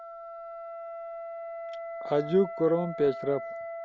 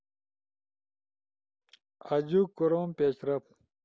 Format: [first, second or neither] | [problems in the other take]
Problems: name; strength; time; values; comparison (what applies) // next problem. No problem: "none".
second | background sound (Wind instrument, woodwind instrument); 8 dB below the speech